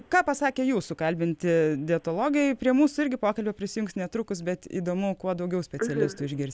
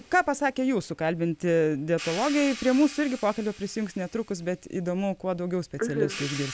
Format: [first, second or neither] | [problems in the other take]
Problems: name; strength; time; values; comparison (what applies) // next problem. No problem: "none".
first | background sound (Hi-hat); 16 dB below the speech